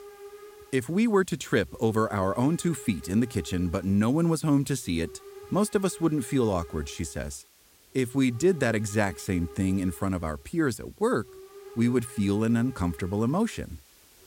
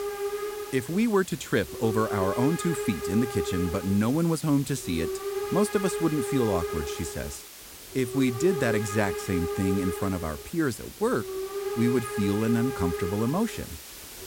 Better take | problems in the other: first | hiss; loud; throughout; 6 dB below the speech; faint in the first

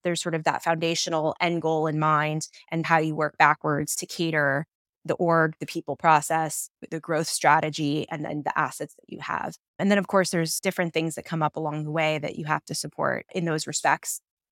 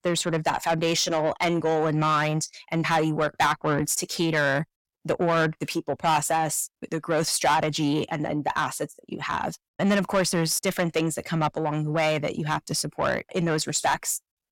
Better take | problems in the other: first | distortion; heavy; 8 dB below the speech

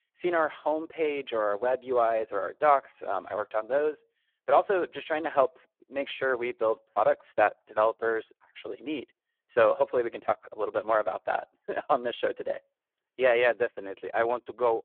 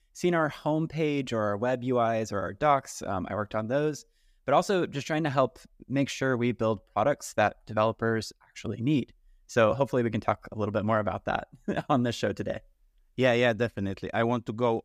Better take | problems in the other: second | phone-call audio; poor line

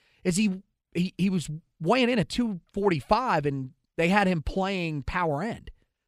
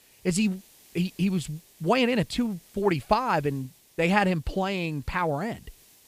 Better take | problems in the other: first | hiss; faint; throughout; 25 dB below the speech

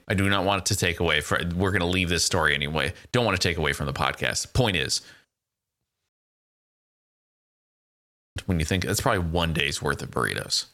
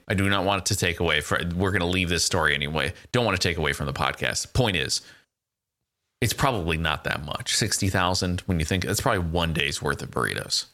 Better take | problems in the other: second | audio cutting out; at 6 s for 2.5 s

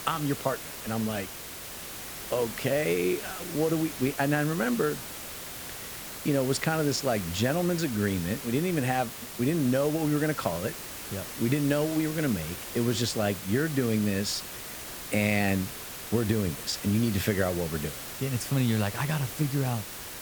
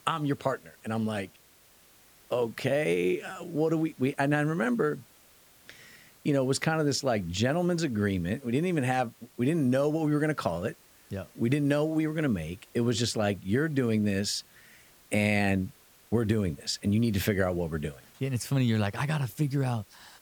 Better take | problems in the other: second | hiss; loud; throughout; 8 dB below the speech; faint in the second

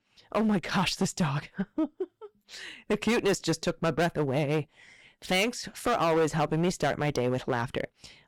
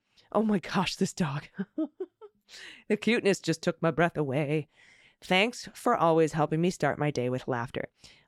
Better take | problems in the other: second | distortion; heavy; 10% of the sound clipped

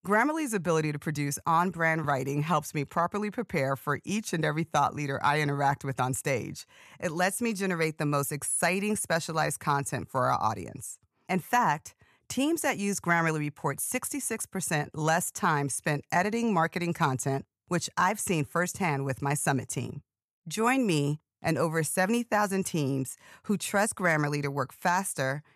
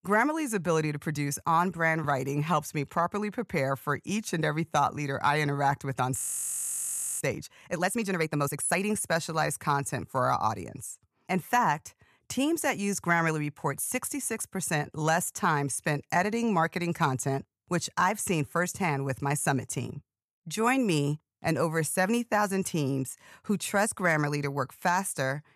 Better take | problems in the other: first | audio freezing; at 6 s for 1 s

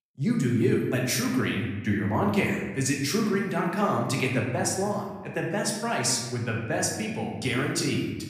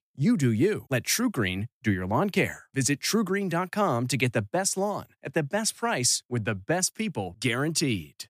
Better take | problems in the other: second | room echo; noticeable; dies away in 1.2 s // off-mic speech; somewhat distant

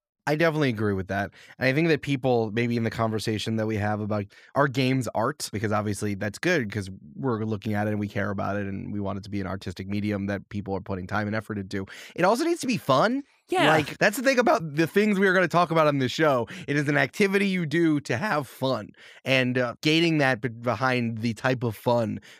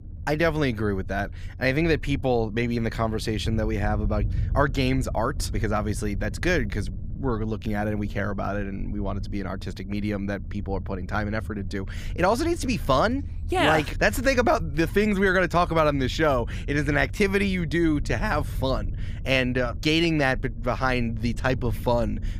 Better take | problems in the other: first | low rumble; faint; throughout; 25 dB below the speech

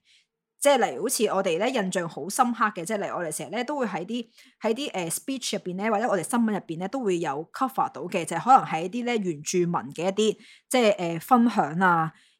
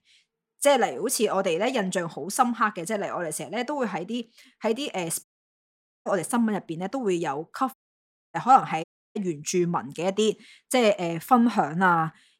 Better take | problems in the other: first | audio cutting out; at 5 s for 1 s, at 7.5 s for 0.5 s and at 9 s

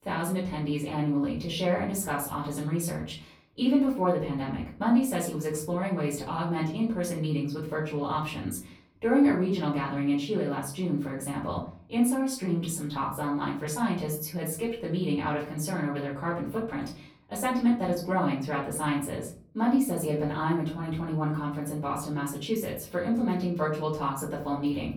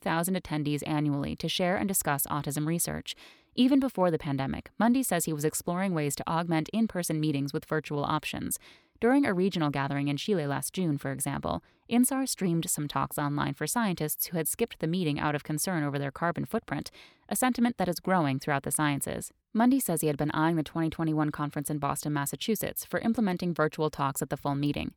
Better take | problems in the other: second | off-mic speech; far // room echo; slight; dies away in 0.4 s

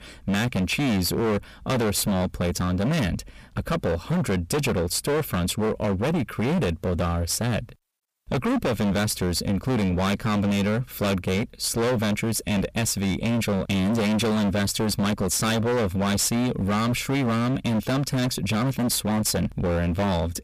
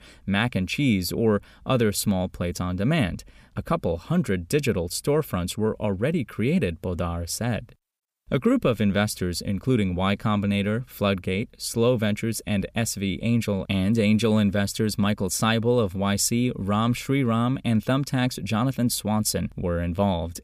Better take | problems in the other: second | distortion; heavy; 30% of the sound clipped

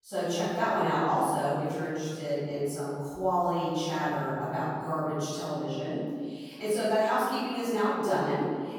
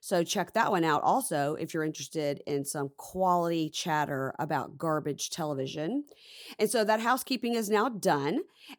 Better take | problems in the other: second | room echo; strong; dies away in 1.7 s // off-mic speech; far

